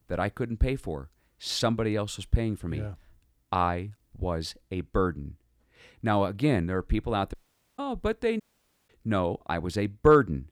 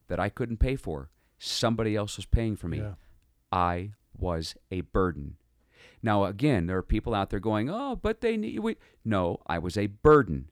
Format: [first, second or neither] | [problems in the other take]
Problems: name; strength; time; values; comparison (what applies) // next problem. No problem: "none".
second | audio cutting out; at 7.5 s and at 8.5 s